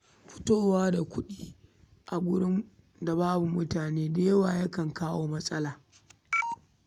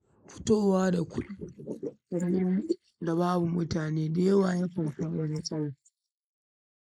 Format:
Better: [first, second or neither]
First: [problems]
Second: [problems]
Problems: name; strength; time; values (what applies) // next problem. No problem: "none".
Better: first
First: none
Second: noise reduction (neural mask model Resemble Enhance denoiser)